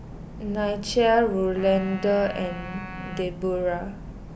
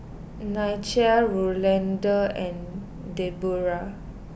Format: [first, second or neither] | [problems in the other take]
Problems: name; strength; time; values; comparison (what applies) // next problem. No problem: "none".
second | background sound (Wind instrument, woodwind instrument); 16 dB below the speech